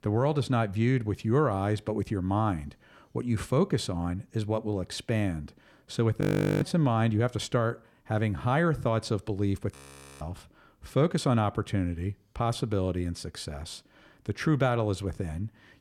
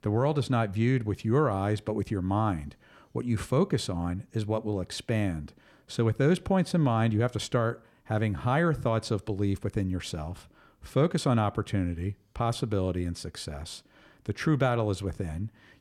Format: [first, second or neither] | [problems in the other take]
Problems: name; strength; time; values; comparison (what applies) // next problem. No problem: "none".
second | audio freezing; at 6 s and at 10 s